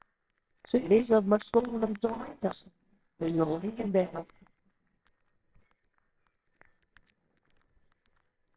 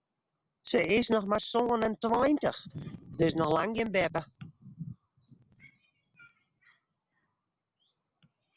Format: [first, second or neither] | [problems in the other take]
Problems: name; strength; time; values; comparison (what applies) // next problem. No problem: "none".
second | noise reduction (neural separator model SepFormer WHAMR!)